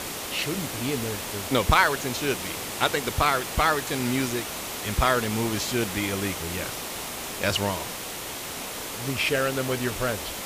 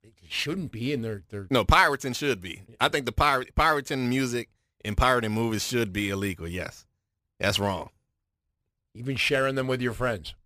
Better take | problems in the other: second | hiss; loud; throughout; 5 dB below the speech

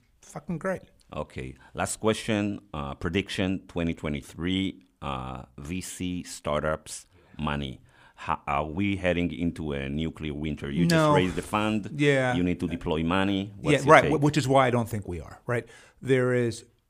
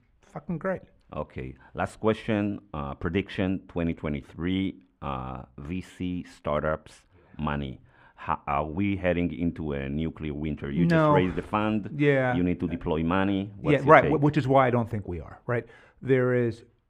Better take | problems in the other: first | muffled; slightly; fading above 4 kHz

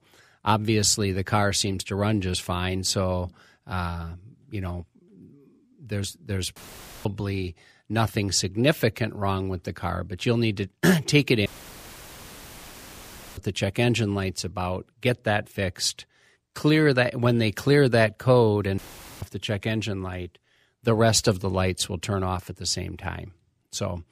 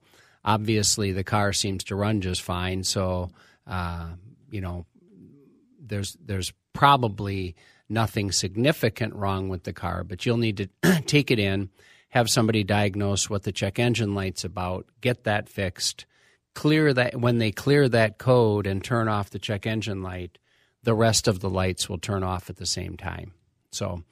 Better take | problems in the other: second | audio cutting out; filled with static; at 6.5 s, at 11 s for 2 s and at 19 s

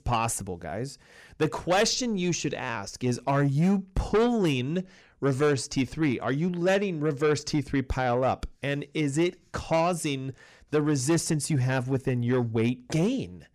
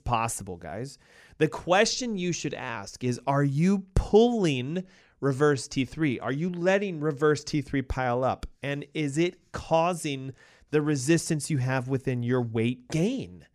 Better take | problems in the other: second | distortion; slight; 10 dB below the speech

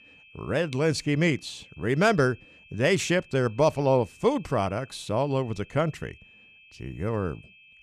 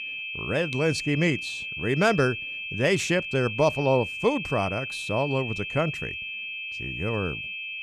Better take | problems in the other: first | high-pitched whine; loud; throughout; 2.5 kHz, 6 dB below the speech; faint in the first

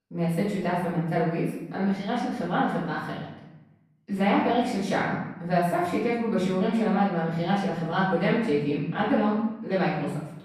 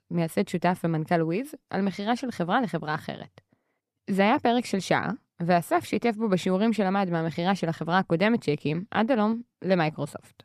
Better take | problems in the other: second | room echo; noticeable; dies away in 0.9 s // off-mic speech; far

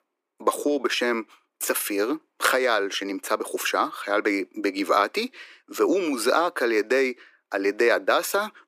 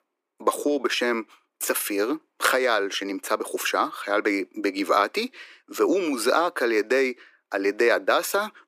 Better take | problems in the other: neither | thin; somewhat; fading below 300 Hz; the same in both

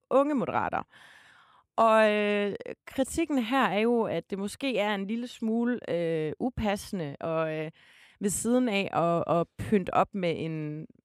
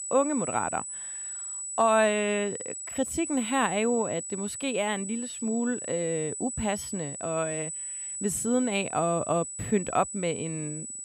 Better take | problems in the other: first | high-pitched whine; loud; throughout; 8 kHz, 6 dB below the speech

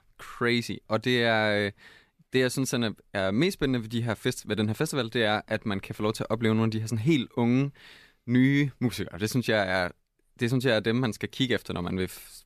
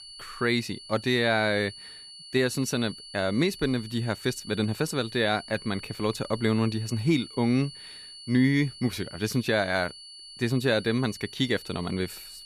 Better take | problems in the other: first | high-pitched whine; noticeable; throughout; 4.5 kHz, 15 dB below the speech

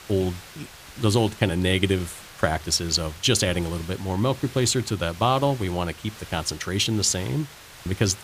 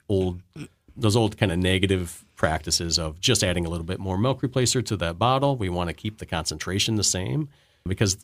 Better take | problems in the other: second | hiss; noticeable; throughout; 20 dB below the speech

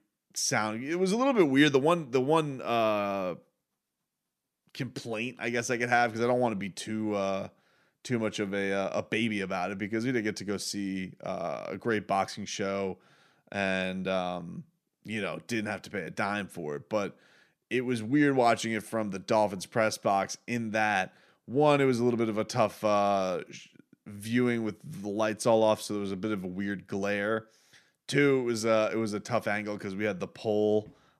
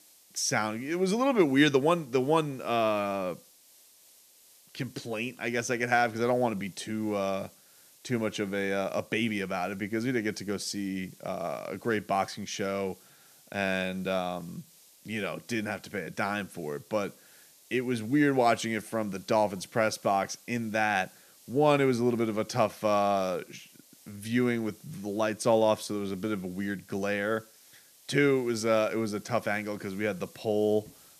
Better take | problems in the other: first | hiss; faint; throughout; 25 dB below the speech

